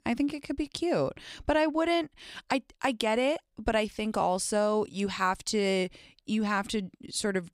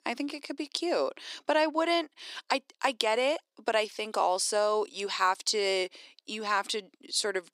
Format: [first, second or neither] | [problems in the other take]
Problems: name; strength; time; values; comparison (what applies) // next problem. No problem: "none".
first | thin; somewhat; fading below 350 Hz